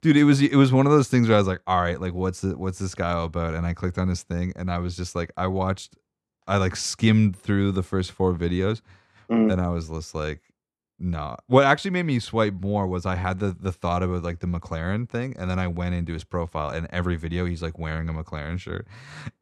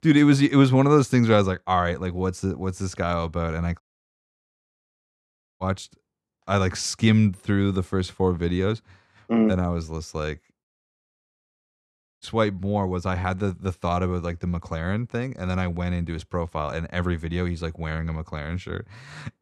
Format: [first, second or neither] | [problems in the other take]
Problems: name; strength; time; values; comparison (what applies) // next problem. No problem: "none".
first | audio cutting out; at 4 s for 2 s and at 11 s for 1.5 s